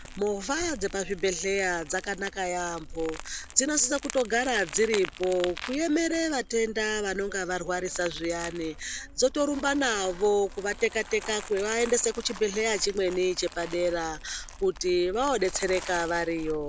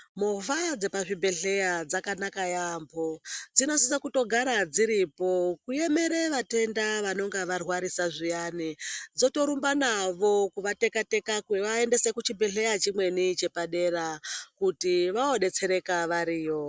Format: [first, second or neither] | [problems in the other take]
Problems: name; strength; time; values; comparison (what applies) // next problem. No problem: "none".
second | background sound (Crumpling, crinkling); 14 dB below the speech